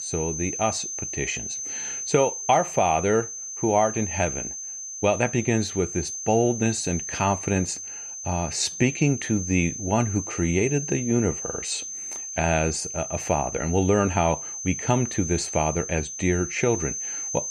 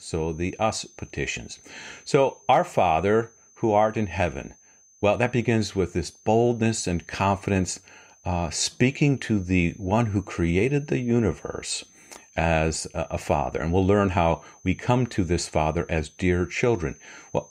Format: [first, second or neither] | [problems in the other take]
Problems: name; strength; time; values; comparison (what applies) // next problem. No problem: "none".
second | high-pitched whine; loud; throughout; 6 kHz, 6 dB below the speech; faint in the second